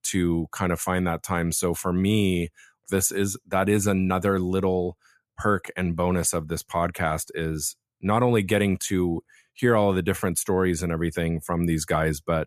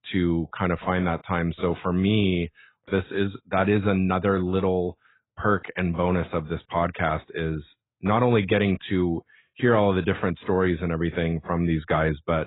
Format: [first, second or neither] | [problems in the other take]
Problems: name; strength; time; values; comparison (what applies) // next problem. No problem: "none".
first | garbled, watery; badly; nothing above 4 kHz